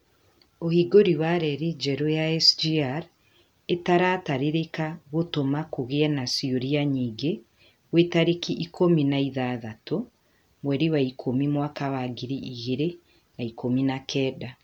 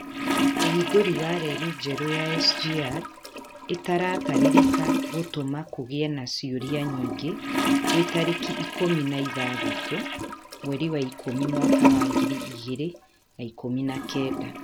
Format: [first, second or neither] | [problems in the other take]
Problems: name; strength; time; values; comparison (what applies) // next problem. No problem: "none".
first | background sound (Toilet flush / Gurgling); 2 dB above the speech